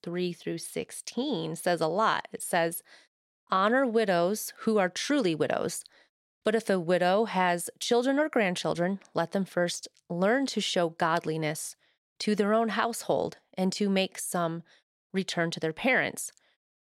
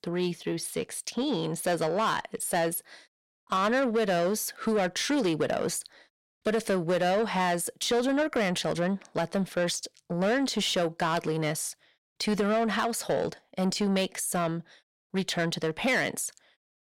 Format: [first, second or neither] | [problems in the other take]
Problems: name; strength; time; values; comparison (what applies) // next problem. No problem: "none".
first | distortion; slight; 10 dB below the speech